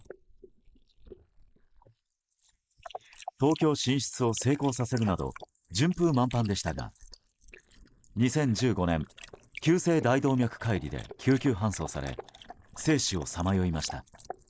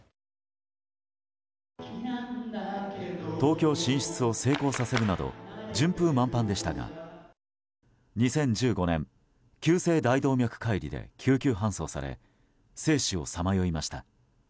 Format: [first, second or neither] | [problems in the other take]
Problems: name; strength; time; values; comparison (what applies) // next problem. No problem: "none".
second | noise reduction (neural mask model Resemble Enhance denoiser)